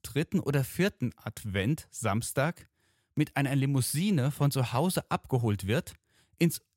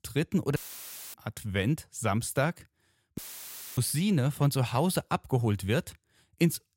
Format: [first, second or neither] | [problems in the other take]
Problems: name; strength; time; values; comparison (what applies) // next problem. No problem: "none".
first | audio cutting out; filled with static; at 0.5 s for 0.5 s and at 3 s for 0.5 s